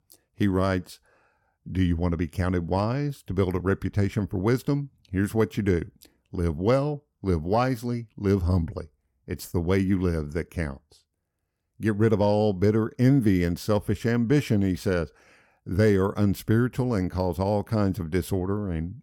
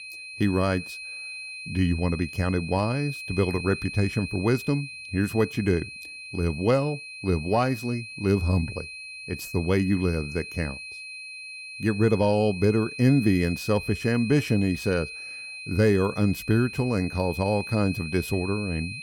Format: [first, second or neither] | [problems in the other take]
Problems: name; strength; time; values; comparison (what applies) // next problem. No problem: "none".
first | high-pitched whine; noticeable; throughout; 2.5 kHz, 10 dB below the speech